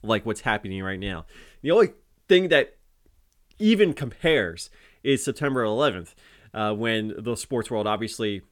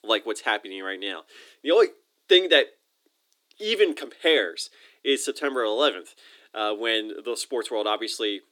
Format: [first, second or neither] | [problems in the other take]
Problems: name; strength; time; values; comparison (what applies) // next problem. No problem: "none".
first | thin; somewhat; fading below 300 Hz